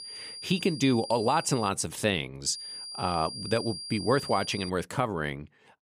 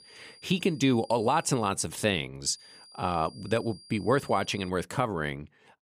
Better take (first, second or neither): second